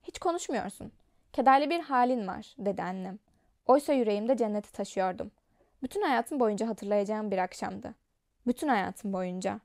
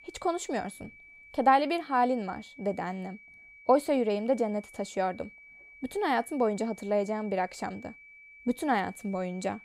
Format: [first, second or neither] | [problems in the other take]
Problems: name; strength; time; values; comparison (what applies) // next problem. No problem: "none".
first | high-pitched whine; faint; throughout; 2.5 kHz, 20 dB below the speech